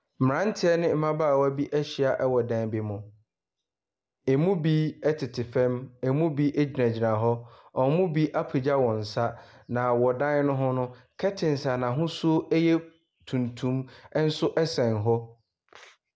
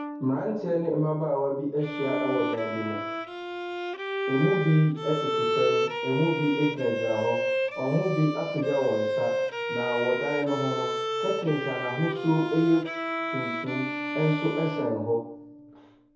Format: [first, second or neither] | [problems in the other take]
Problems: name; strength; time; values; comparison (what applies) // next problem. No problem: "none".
first | background sound (Bowed string instrument); 3 dB below the speech // room echo; dies away in 0.6 s